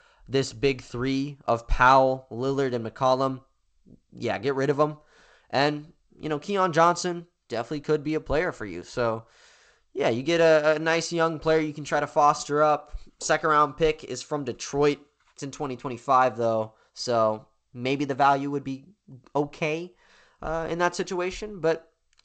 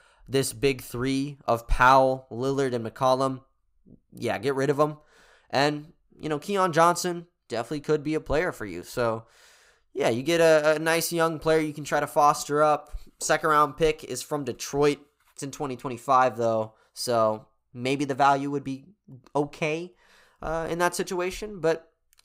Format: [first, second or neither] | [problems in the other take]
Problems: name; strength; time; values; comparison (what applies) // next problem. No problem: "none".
second | garbled, watery; slightly; nothing above 8 kHz